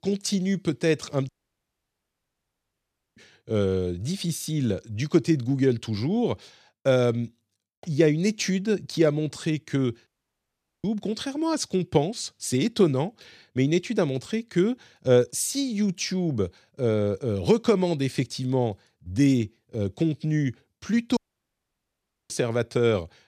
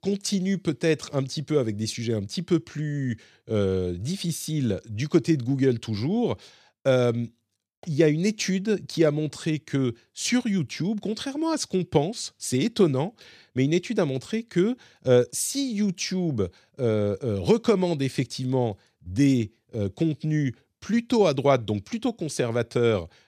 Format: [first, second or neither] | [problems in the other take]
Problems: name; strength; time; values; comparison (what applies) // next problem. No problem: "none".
second | audio cutting out; at 1.5 s for 2 s, at 10 s for 1 s and at 21 s for 1 s